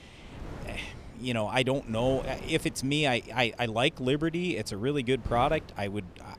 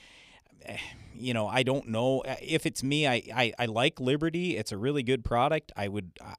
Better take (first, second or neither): second